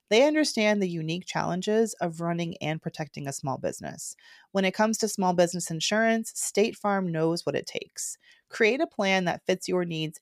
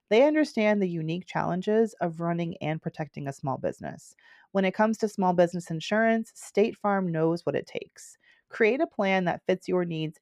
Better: first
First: none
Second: muffled; slightly; fading above 3 kHz

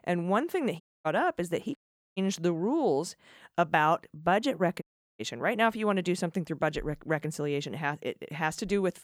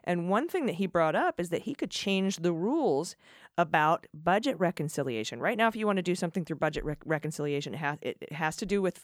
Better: second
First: audio cutting out; at 1 s, at 2 s and at 5 s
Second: none

